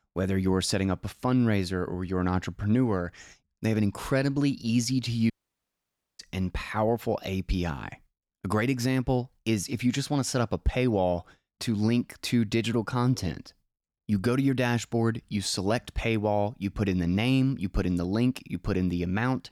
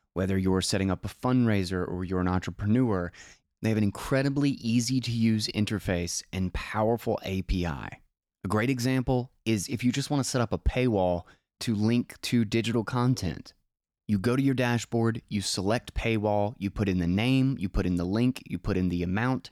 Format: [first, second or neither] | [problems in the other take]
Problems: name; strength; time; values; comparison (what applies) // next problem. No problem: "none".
second | audio cutting out; at 5.5 s for 1 s